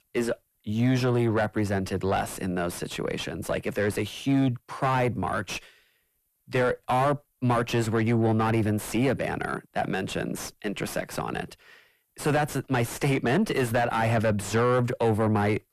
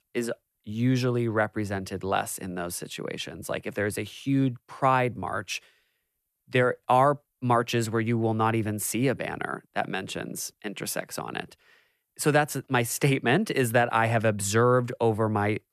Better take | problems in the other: second | distortion; heavy; 6 dB below the speech

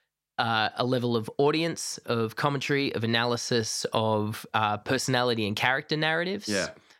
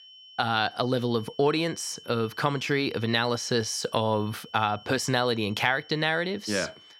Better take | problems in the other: first | high-pitched whine; faint; throughout; 3 kHz, 20 dB below the speech

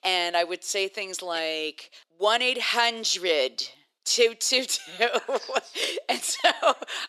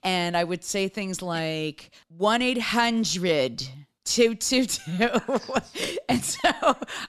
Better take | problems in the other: second | thin; very; fading below 400 Hz

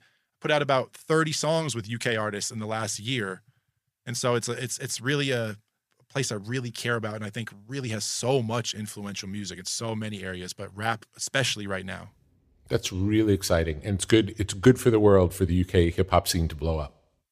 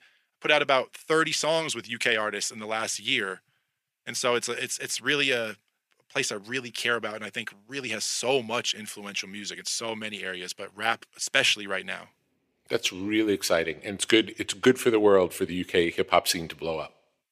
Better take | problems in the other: first | thin; somewhat; fading below 300 Hz

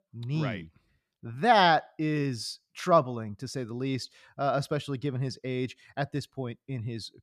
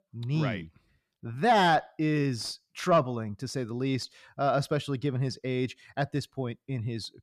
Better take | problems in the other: first | distortion; slight; 10 dB below the speech

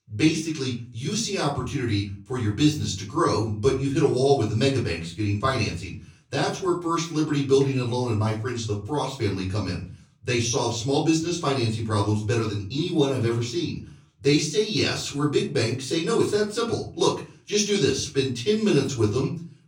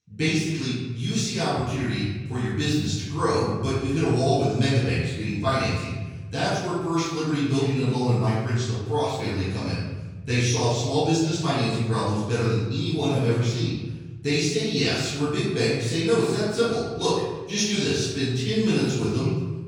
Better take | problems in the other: first | room echo; strong; dies away in 1.6 s; slight in the first // off-mic speech; far; far in the first

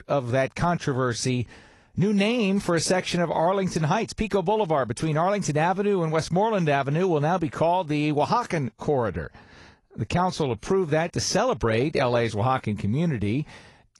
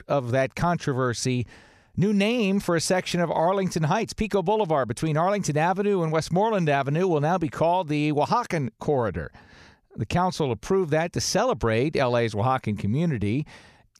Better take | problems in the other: second | garbled, watery; slightly

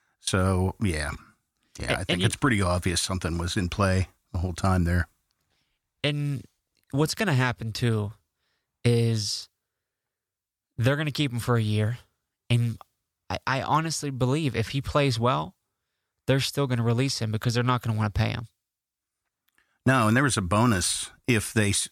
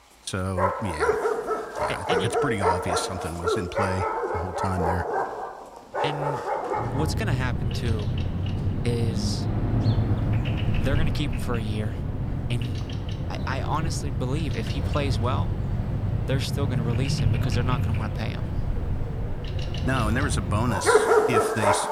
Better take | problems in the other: first | animal sounds; very loud; throughout; 3 dB above the speech

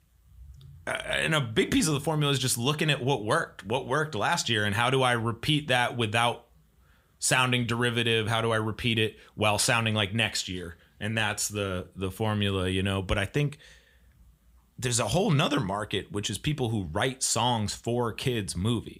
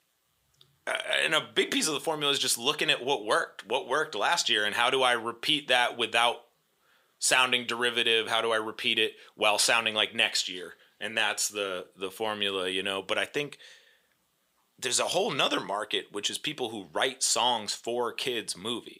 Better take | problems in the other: first | thin; somewhat; fading below 450 Hz

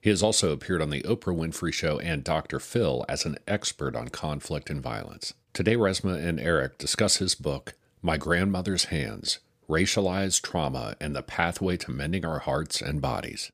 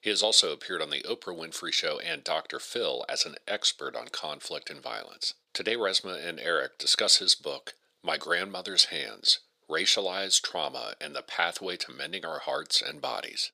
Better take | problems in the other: first | thin; very; fading below 500 Hz

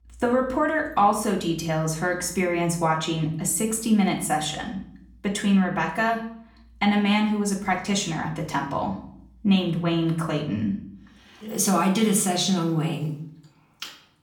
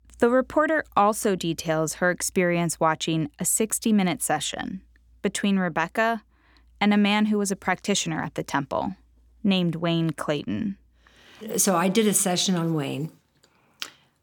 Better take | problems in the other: second | room echo; slight; dies away in 0.5 s // off-mic speech; far

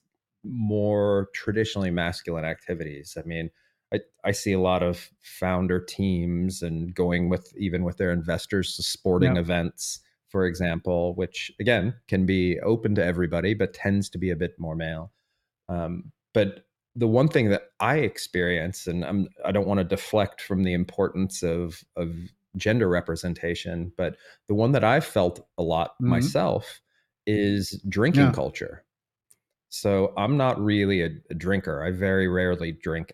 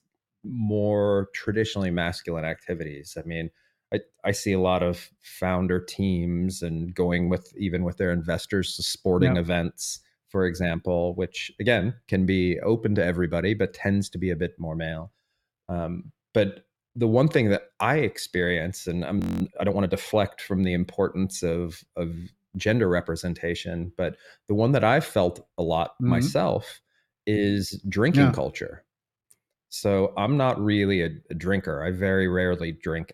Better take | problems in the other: first | audio freezing; at 19 s

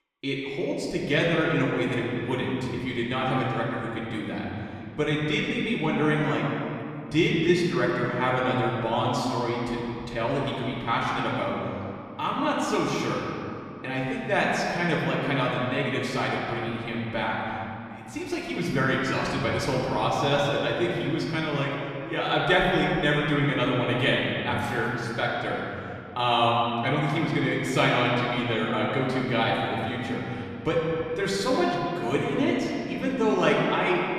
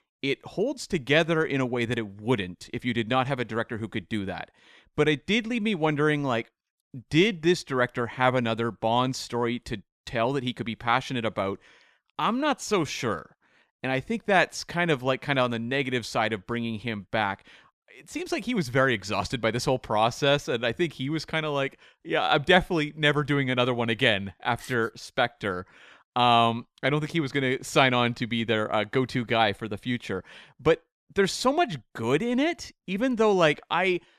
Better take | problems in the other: second | room echo; noticeable; dies away in 2.6 s // off-mic speech; far

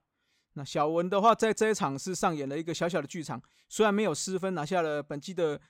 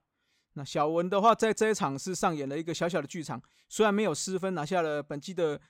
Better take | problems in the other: neither | none

